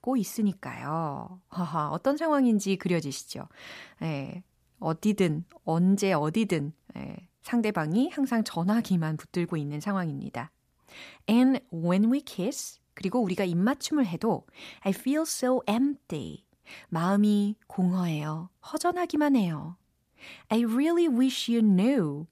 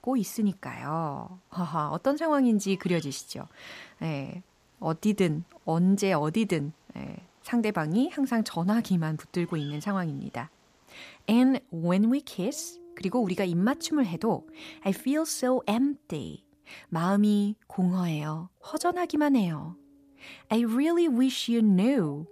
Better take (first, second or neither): first